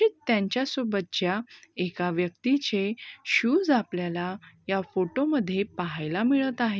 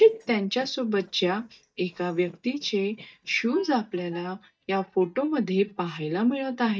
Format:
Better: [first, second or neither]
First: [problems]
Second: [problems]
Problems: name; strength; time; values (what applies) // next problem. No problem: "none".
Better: first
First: none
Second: noise reduction (neural mask model DeepFilterNet 3)